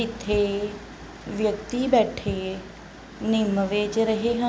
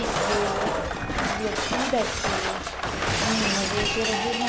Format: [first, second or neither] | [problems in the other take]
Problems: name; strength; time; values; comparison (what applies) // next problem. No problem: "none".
first | background sound (Shatter); 4 dB above the speech